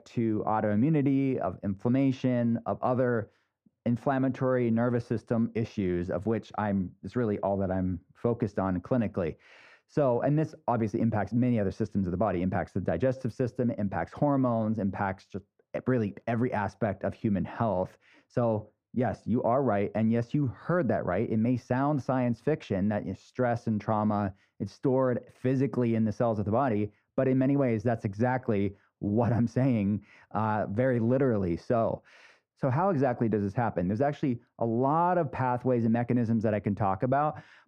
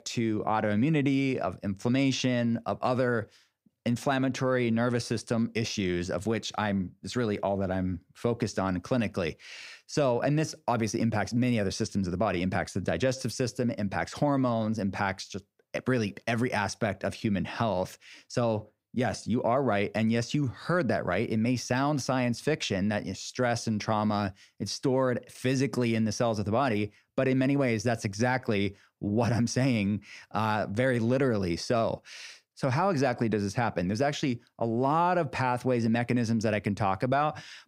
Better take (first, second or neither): second